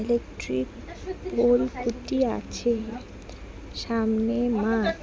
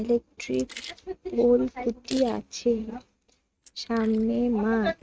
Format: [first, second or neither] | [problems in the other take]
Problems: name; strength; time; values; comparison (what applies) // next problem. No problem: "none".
first | noise reduction (neural mask model RNNoise)